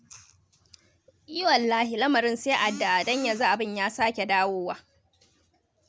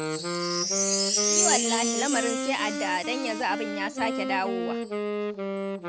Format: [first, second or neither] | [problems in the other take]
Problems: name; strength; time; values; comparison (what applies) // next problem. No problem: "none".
first | background sound (Wind instrument, woodwind instrument + Wind chime); 4 dB above the speech